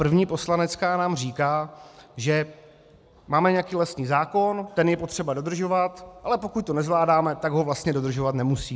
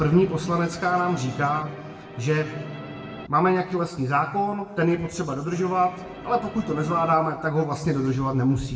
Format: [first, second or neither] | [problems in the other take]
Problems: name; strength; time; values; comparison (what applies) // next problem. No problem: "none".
first | background sound (Musical instrument); 14 dB below the speech // room echo; dies away in 1.2 s